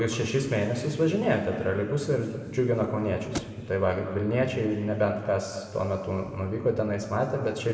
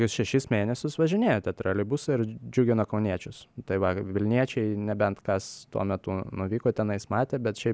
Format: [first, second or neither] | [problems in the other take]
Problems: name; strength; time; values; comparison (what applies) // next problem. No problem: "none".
second | background sound (Thump, thud); 11 dB below the speech // room echo; dies away in 2.1 s